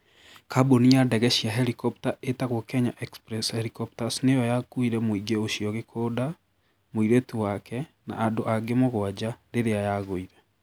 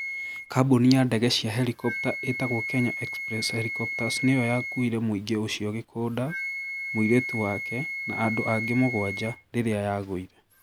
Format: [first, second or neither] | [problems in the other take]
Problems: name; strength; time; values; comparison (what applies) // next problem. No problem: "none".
first | background sound (Wind instrument, woodwind instrument); 8 dB below the speech